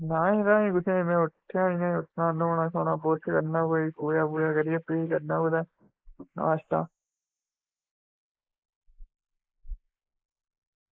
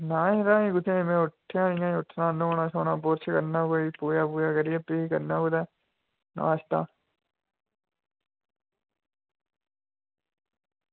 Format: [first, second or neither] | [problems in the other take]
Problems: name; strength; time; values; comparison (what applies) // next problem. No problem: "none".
second | noise reduction (neural mask model Resemble Enhance denoiser)